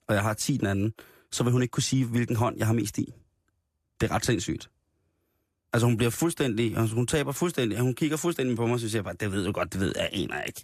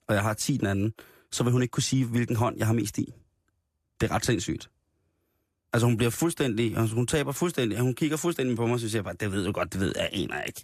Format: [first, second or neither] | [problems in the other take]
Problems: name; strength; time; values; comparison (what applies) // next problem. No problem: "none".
neither | none